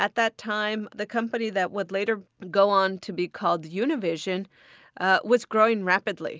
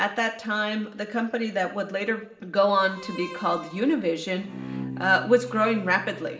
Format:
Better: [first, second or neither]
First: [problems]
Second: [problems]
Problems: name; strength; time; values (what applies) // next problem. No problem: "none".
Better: first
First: none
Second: background sound (Bowed string instrument); 13 dB below the speech // room echo; dies away in 1.7 s